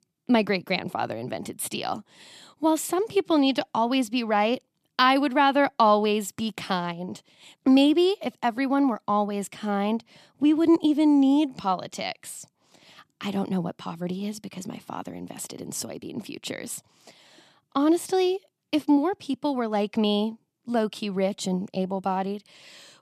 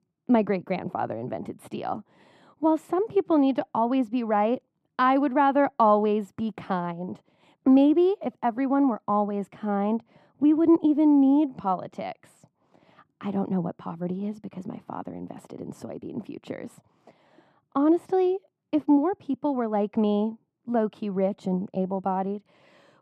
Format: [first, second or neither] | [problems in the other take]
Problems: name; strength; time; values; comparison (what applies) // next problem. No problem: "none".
first | muffled; very; fading above 2.5 kHz